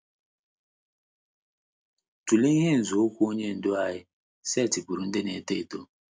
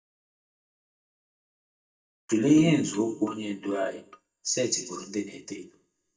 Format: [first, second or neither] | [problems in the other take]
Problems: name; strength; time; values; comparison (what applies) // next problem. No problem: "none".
first | noise reduction (neural mask model DeepFilterNet 3)